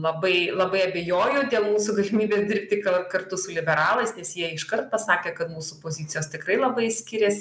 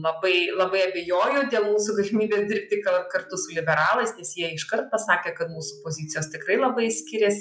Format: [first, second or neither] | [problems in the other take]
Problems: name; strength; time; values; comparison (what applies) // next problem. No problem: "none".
first | noise reduction (classical method log-MMSE)